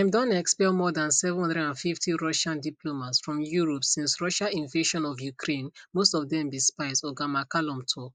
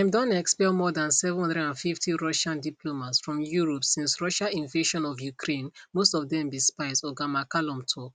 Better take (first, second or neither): second